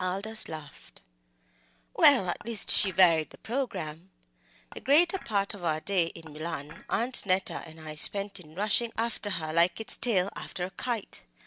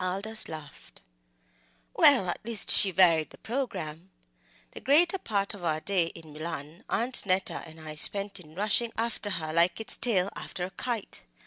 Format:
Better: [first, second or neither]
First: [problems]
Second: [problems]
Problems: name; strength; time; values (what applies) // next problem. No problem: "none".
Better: second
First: background sound (Dishes, pots, and pans / Chink, clink); 20 dB below the speech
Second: none